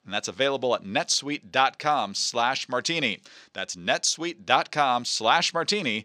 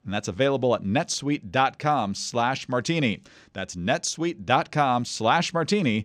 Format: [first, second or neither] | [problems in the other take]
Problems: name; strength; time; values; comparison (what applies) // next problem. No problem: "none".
second | thin; somewhat; fading below 650 Hz